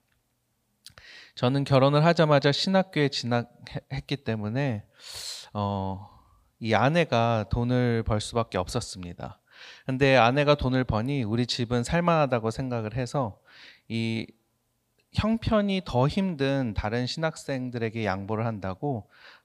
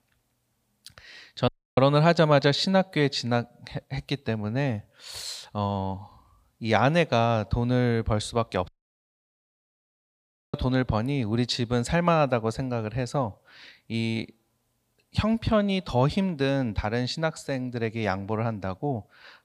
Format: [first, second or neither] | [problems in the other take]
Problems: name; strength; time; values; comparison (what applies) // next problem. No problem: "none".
first | audio cutting out; at 1.5 s and at 8.5 s for 2 s